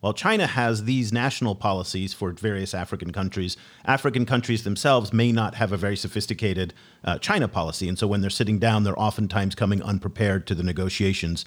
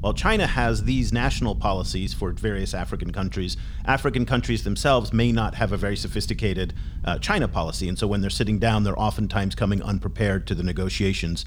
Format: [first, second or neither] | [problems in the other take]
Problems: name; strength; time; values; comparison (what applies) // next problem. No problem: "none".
first | low rumble; faint; throughout; 25 dB below the speech